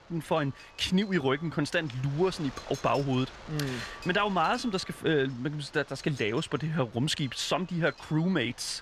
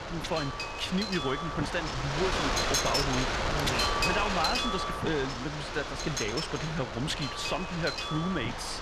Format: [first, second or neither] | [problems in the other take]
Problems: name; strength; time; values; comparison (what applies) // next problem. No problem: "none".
first | wind noise on the microphone; heavy; 4 dB above the speech; occasional gusts in the first